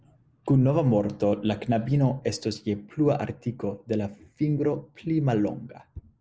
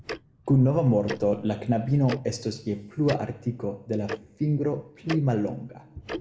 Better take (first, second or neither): first